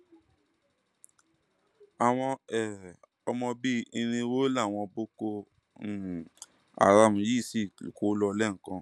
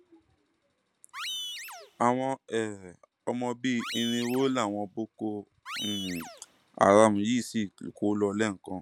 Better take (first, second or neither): first